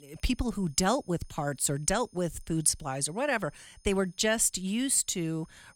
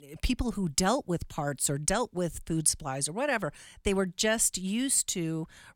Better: second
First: high-pitched whine; faint; throughout; 9.5 kHz, 30 dB below the speech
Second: none

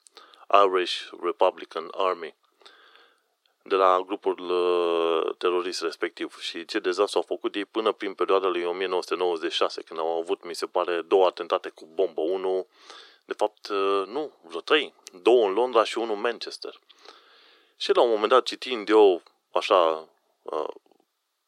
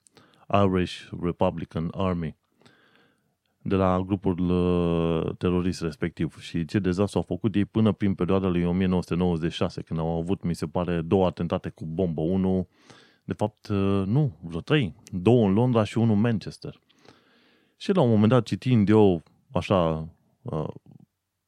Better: second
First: thin; very; fading below 350 Hz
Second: none

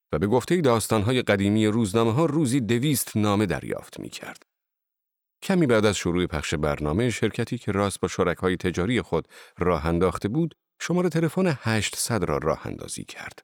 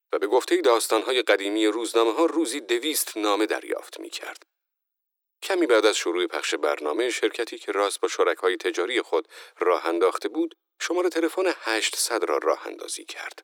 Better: first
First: none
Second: thin; very; fading below 300 Hz

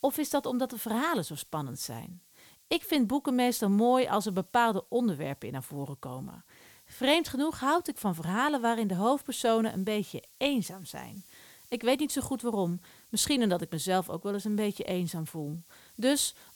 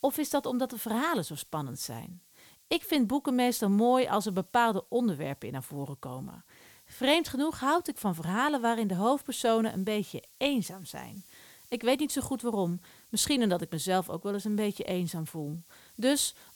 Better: neither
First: hiss; faint; throughout; 25 dB below the speech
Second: hiss; faint; throughout; 25 dB below the speech

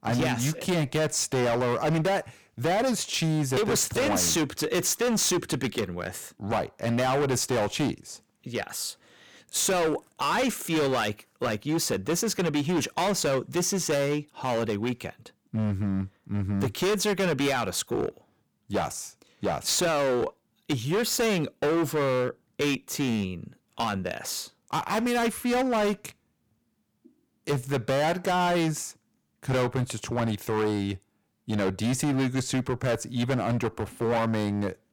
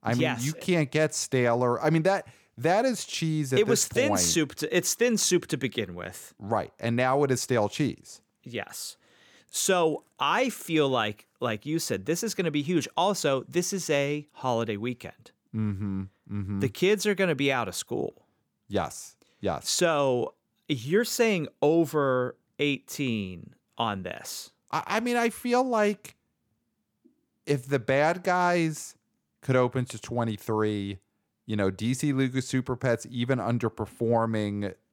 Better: second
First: distortion; heavy; 18% of the sound clipped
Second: none

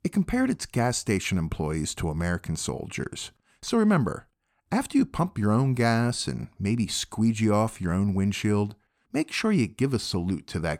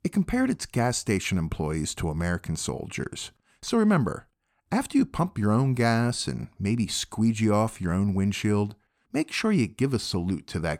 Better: neither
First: none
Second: none

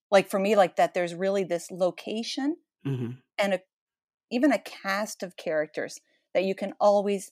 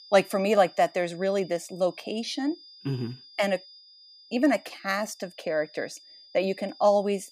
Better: first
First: none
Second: high-pitched whine; faint; throughout; 5 kHz, 20 dB below the speech

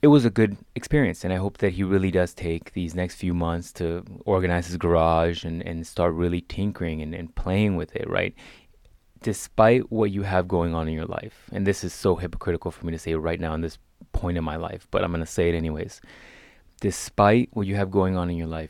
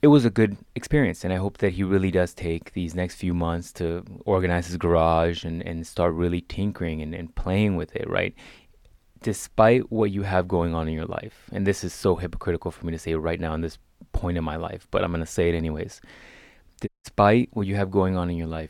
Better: first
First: none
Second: audio cutting out; at 17 s

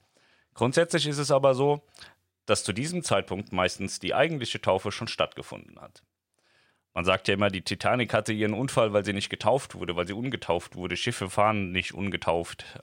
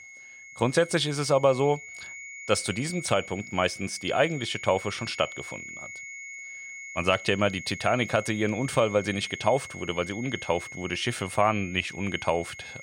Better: first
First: none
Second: high-pitched whine; noticeable; throughout; 2 kHz, 10 dB below the speech

